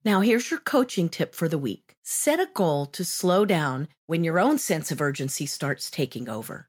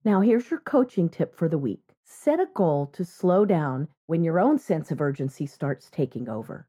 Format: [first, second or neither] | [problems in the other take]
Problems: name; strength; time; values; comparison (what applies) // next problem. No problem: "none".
first | muffled; very; fading above 2 kHz